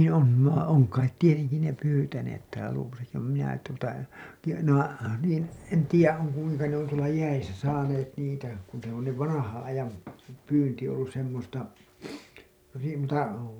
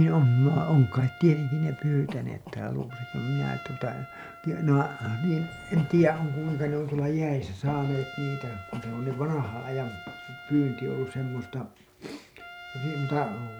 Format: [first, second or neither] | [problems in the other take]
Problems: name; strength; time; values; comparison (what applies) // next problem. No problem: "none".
first | background sound (Trumpet + Cough); 17 dB below the speech